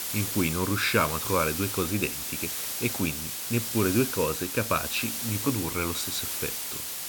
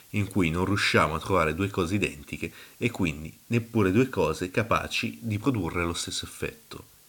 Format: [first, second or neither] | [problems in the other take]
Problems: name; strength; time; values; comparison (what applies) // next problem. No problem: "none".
second | hiss; loud; throughout; 2 dB below the speech; faint in the second